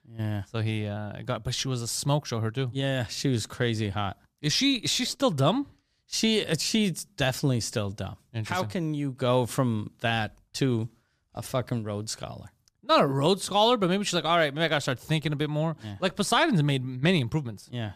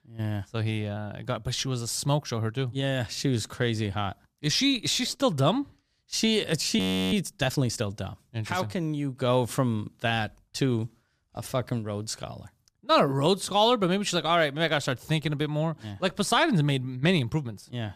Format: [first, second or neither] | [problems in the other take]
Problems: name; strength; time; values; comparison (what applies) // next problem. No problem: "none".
first | audio freezing; at 7 s